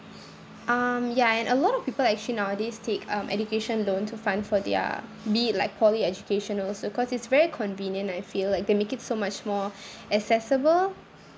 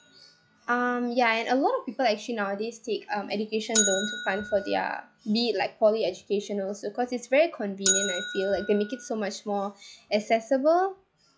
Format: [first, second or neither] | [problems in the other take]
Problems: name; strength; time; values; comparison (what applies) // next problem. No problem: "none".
first | noise reduction (classical method log-MMSE)